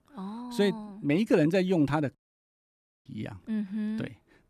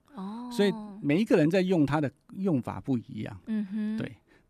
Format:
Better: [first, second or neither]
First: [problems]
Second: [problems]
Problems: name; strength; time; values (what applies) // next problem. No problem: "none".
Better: second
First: audio cutting out; at 2 s for 1 s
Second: none